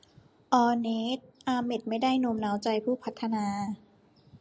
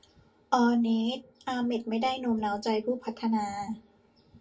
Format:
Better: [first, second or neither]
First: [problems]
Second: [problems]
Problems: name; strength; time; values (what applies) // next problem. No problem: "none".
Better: first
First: none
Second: room echo; dies away in 0.1 s